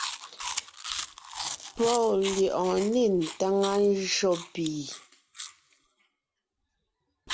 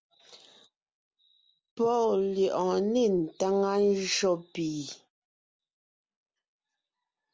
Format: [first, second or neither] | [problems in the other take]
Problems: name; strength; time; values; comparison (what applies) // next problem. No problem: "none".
second | background sound (Chewing, mastication); 10 dB below the speech